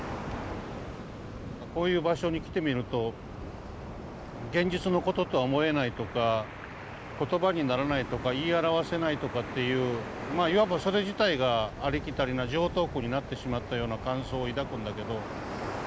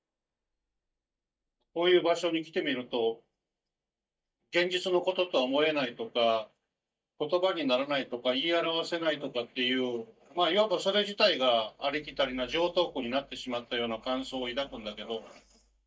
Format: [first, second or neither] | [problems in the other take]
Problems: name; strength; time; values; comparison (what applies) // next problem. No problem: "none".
first | noise reduction (neural mask model DeepFilterNet 3)